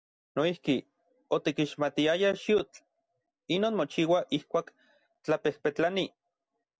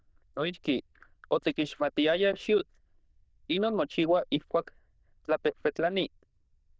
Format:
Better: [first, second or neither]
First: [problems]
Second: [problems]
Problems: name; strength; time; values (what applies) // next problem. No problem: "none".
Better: first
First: none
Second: noise reduction (neural diffusion model UNIVERSE++)